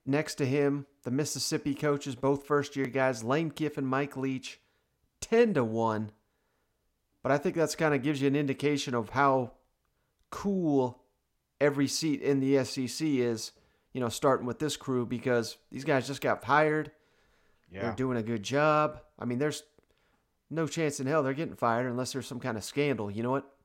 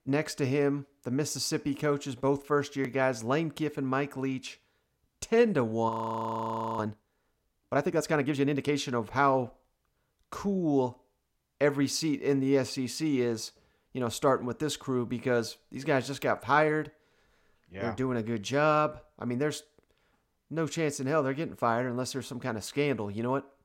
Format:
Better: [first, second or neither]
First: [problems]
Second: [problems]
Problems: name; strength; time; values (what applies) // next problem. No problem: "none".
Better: first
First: none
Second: audio freezing; at 6 s for 1 s